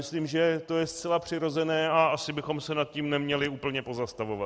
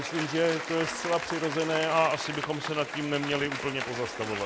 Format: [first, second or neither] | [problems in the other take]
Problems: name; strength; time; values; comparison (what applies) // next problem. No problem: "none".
first | background sound (Applause / Cheering); 6 dB below the speech